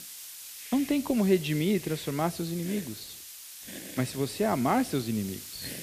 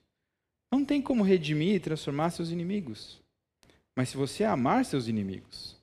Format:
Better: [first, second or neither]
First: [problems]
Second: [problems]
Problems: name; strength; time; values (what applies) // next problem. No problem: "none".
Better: second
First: hiss; noticeable; throughout; 10 dB below the speech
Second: none